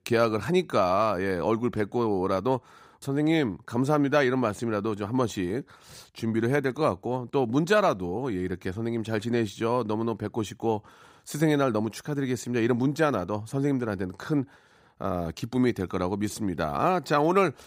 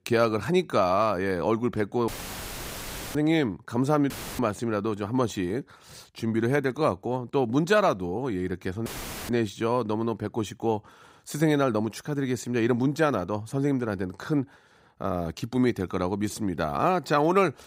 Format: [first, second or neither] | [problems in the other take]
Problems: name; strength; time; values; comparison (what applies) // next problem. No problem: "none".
first | audio cutting out; filled with static; at 2 s for 1 s, at 4 s and at 9 s